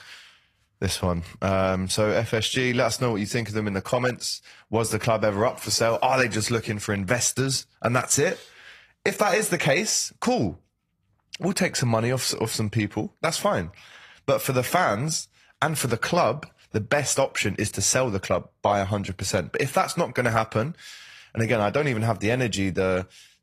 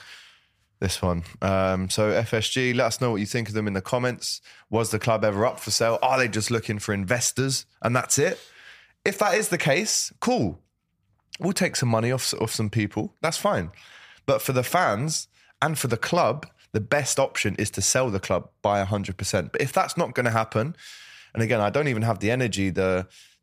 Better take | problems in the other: second | garbled, watery; slightly; nothing above 14.5 kHz

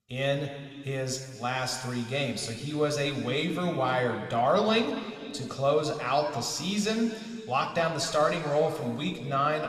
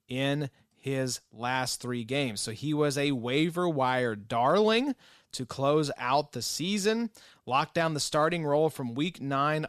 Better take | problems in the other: second | room echo; noticeable; dies away in 2.2 s

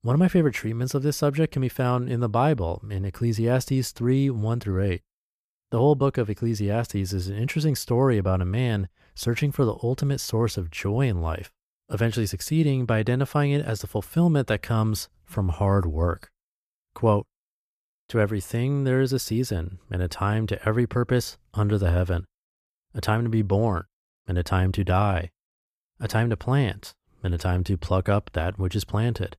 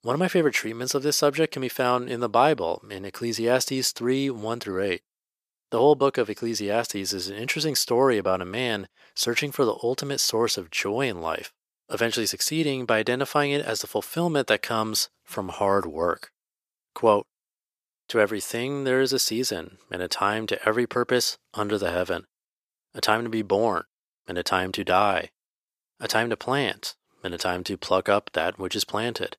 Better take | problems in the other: first | thin; somewhat; fading below 350 Hz

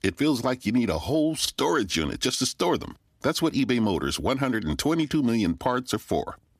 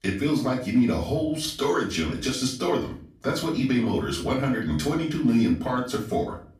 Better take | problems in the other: first | off-mic speech; far // room echo; slight; dies away in 0.4 s

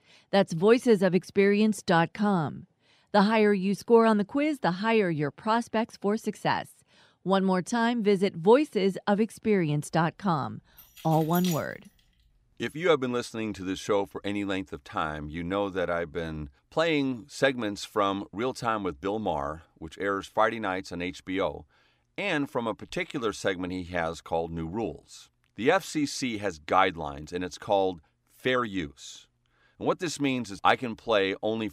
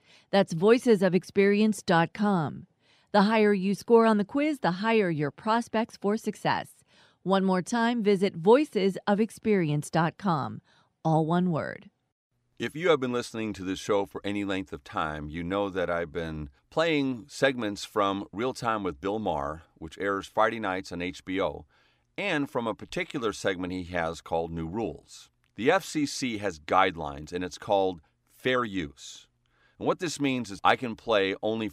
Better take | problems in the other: second | jangling keys; noticeable; at 11 s; peak 8 dB below the speech

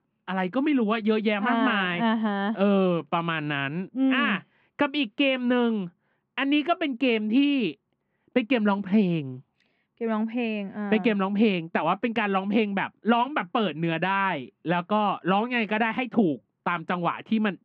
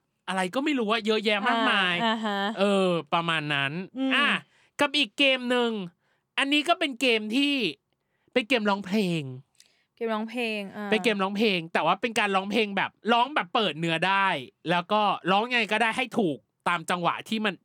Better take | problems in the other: second | muffled; slightly; fading above 2.5 kHz

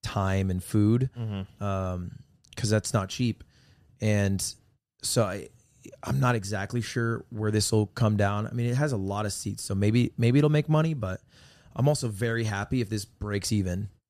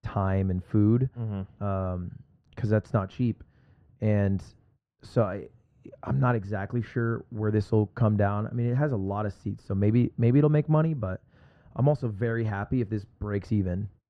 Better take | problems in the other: first | muffled; very; fading above 4 kHz

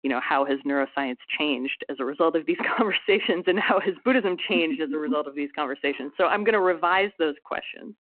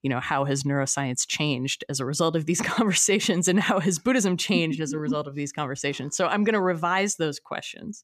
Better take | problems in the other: second | phone-call audio

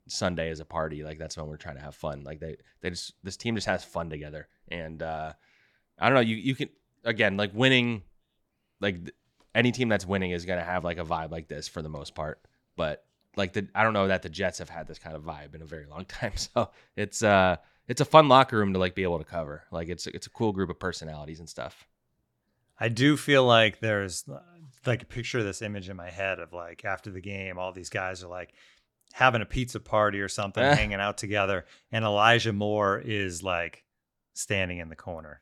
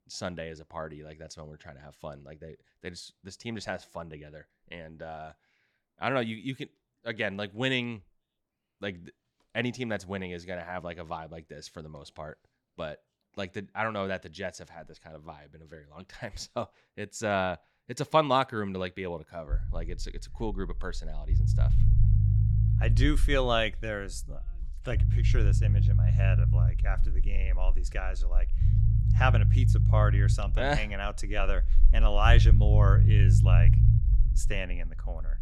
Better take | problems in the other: first | low rumble; loud; from 20 s on; 7 dB below the speech

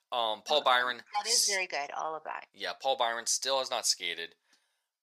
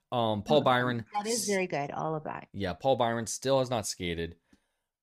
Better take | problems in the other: second | thin; very; fading below 850 Hz

